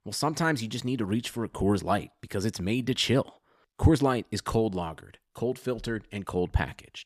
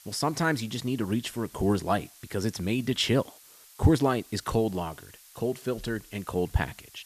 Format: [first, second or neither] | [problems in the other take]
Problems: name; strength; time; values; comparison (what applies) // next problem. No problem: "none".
first | hiss; faint; throughout; 20 dB below the speech